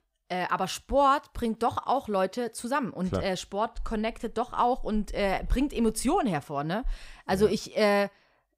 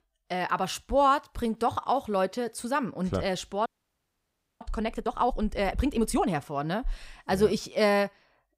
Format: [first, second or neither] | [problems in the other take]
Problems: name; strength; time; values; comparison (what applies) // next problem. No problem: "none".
first | audio freezing; at 3.5 s for 1 s